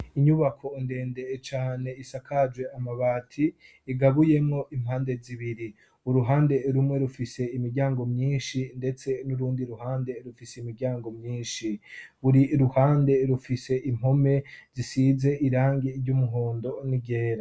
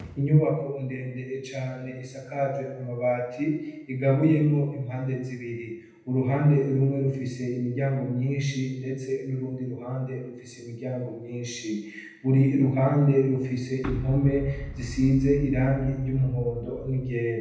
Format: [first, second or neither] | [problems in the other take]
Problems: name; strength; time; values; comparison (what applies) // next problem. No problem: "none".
first | background sound (Boom); 10 dB below the speech // room echo; dies away in 0.9 s